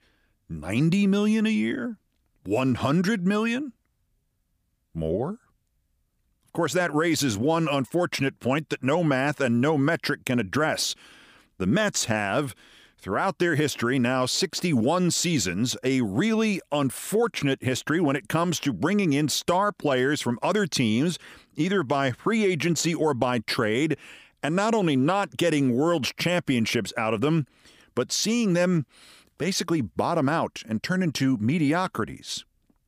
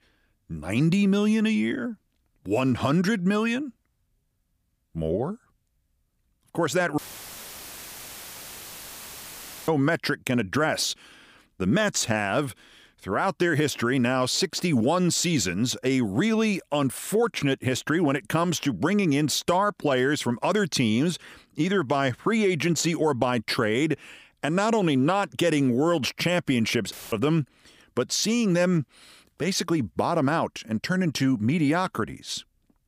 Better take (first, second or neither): first